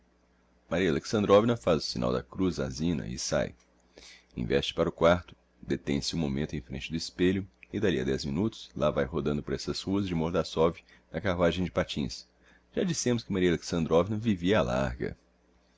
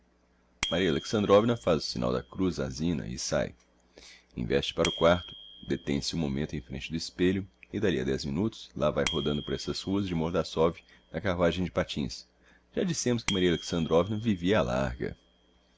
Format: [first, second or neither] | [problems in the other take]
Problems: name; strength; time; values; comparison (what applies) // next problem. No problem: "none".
first | background sound (Bicycle bell); 15 dB below the speech